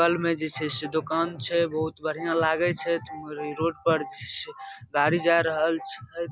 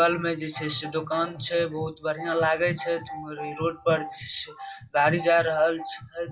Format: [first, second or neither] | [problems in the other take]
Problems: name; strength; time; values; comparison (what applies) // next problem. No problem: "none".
first | room echo; dies away in 0.2 s